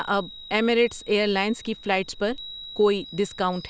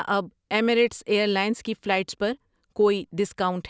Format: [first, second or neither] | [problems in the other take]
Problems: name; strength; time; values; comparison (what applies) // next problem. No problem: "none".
second | background sound (Chime); 17 dB below the speech